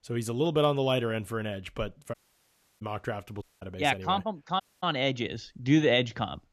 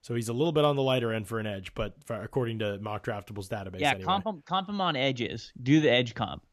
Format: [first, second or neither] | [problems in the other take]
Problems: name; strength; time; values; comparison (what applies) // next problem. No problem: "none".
second | audio cutting out; at 2 s for 0.5 s, at 3.5 s and at 4.5 s